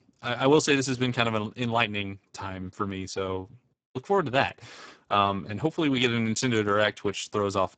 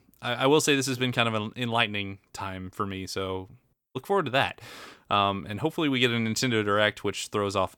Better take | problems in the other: second | garbled, watery; badly; nothing above 8 kHz

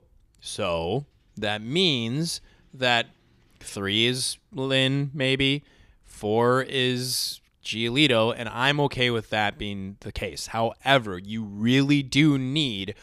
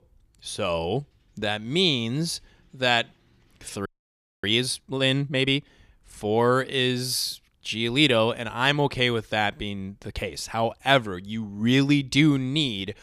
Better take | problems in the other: first | audio freezing; at 4 s for 0.5 s

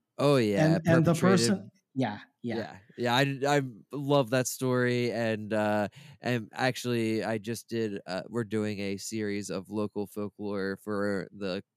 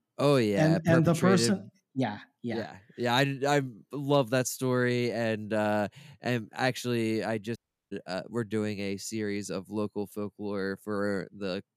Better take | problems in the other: first | audio cutting out; at 7.5 s

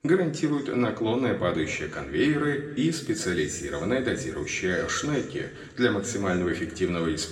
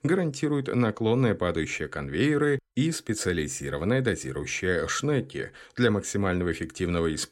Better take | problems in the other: second | room echo; slight; dies away in 1.4 s // off-mic speech; somewhat distant

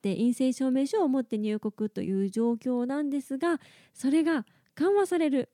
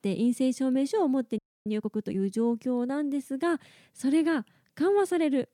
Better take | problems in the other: first | audio freezing; at 1.5 s

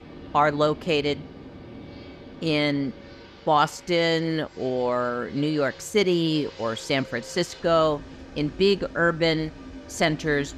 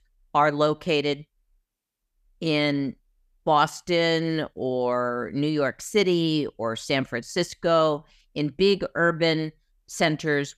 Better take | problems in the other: second | train or aircraft noise; noticeable; throughout; 20 dB below the speech

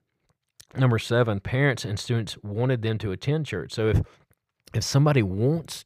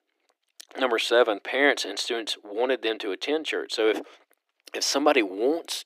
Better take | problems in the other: first | thin; very; fading below 300 Hz

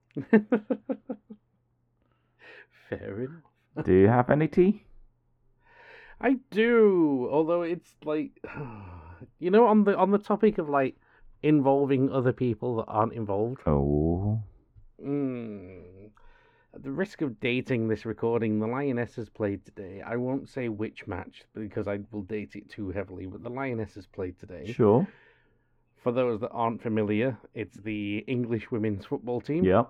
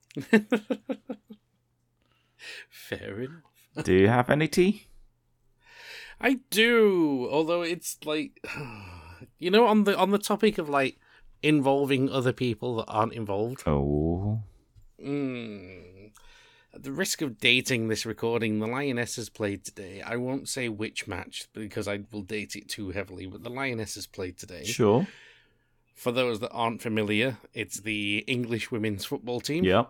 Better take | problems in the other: second | muffled; very; fading above 3.5 kHz

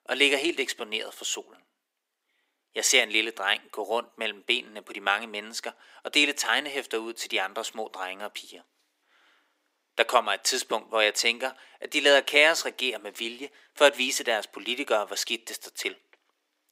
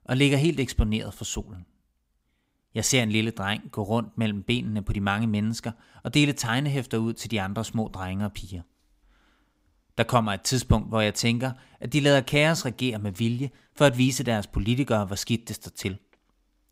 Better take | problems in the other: second | thin; very; fading below 350 Hz

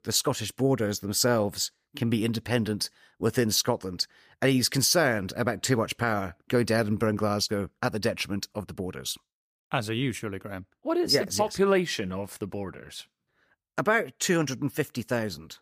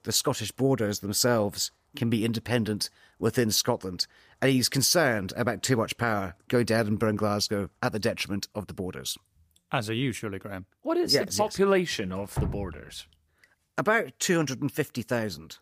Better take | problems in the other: first | rain or running water; noticeable; throughout; 10 dB below the speech

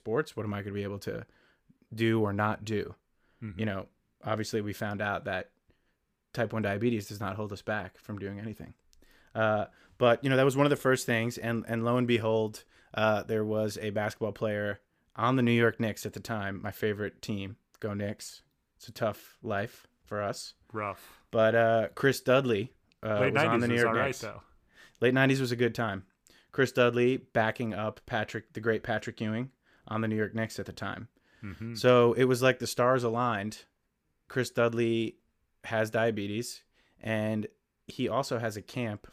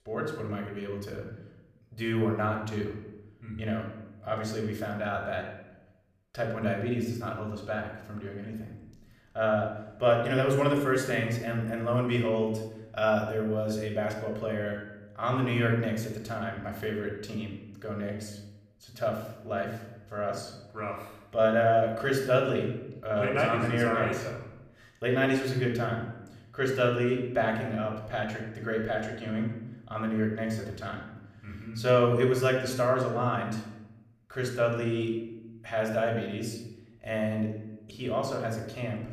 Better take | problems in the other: first | off-mic speech; somewhat distant // room echo; noticeable; dies away in 0.8 s

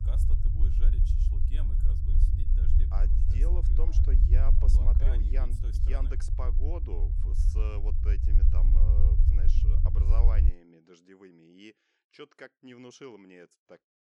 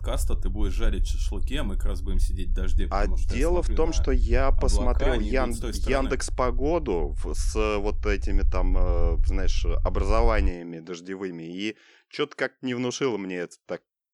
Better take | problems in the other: second | low rumble; loud; until 10 s; as loud as the speech; faint in the second

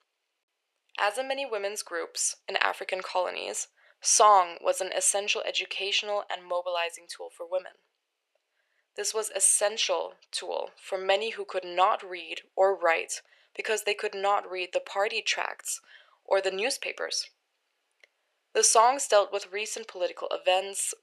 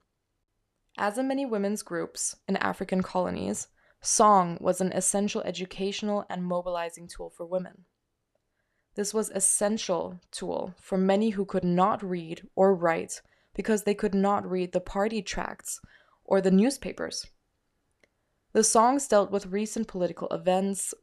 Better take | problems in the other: second | thin; very; fading below 450 Hz

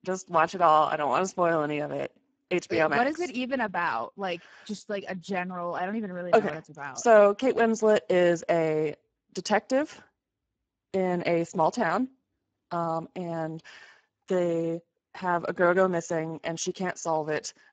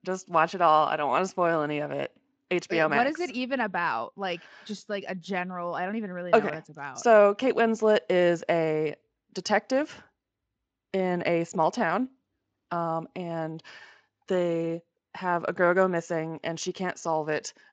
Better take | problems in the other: second | garbled, watery; badly; nothing above 7.5 kHz; slightly in the second

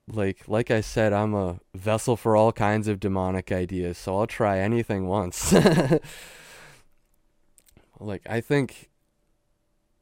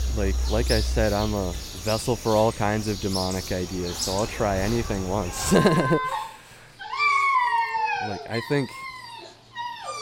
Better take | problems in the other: first | animal sounds; loud; throughout; 2 dB below the speech

